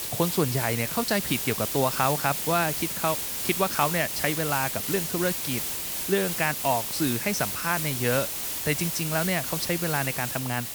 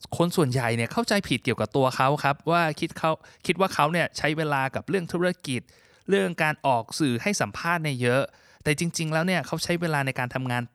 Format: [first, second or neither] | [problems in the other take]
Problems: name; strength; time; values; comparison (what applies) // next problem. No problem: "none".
second | hiss; loud; throughout; 1 dB below the speech